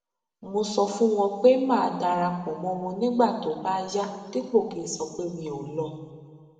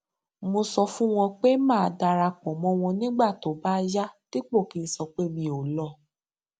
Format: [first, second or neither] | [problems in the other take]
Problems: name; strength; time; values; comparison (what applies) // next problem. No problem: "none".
second | room echo; dies away in 1.6 s